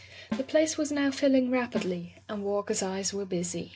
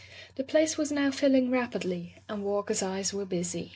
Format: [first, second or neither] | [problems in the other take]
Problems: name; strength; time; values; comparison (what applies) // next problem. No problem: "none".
second | background sound (Snare drum); 13 dB below the speech